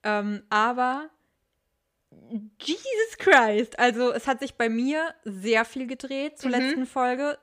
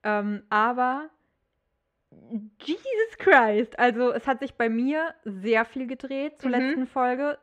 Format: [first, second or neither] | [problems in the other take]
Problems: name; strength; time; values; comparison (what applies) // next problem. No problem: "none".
first | muffled; slightly; fading above 4 kHz